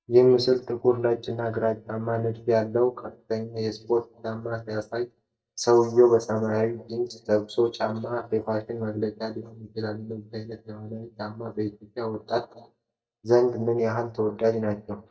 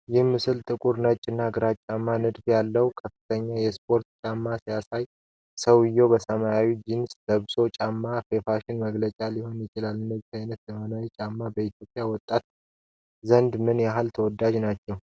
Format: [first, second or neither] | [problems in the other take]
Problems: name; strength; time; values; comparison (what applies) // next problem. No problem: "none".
second | noise reduction (neural mask model DeepFilterNet 3)